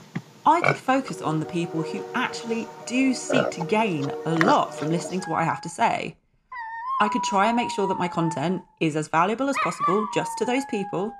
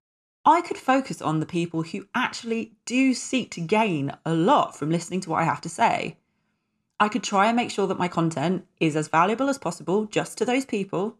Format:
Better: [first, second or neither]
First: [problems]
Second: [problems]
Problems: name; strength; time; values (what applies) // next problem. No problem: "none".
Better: second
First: animal sounds; loud; throughout; 5 dB below the speech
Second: none